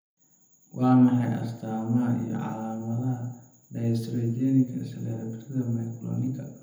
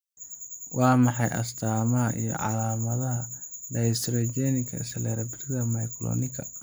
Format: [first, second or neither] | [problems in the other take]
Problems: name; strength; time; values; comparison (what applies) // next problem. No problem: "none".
second | room echo; dies away in 0.9 s